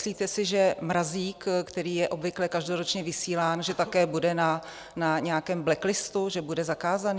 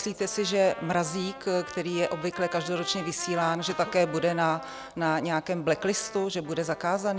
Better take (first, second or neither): first